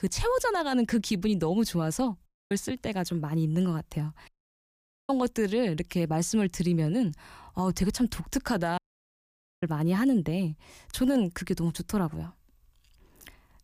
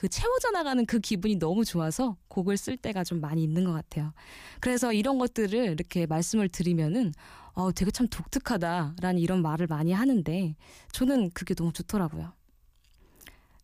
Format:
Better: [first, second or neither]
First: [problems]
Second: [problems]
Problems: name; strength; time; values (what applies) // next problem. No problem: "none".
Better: second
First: audio cutting out; at 2.5 s, at 4.5 s for 1 s and at 9 s for 1 s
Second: none